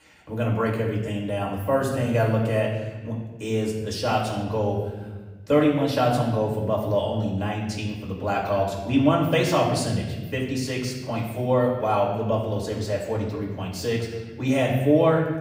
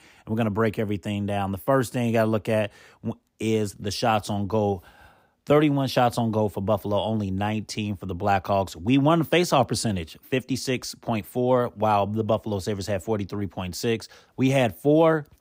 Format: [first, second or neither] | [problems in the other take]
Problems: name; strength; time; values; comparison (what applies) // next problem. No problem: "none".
second | off-mic speech; far // room echo; noticeable; dies away in 1.3 s